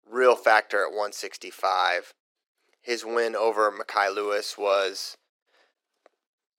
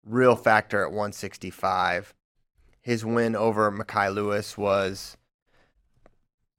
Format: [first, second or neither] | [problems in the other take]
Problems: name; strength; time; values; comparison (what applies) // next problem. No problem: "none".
second | thin; very; fading below 350 Hz